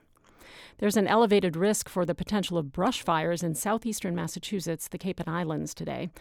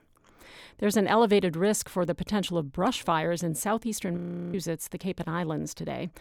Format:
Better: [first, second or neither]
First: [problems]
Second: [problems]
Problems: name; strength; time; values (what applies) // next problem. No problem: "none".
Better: first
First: none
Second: audio freezing; at 4 s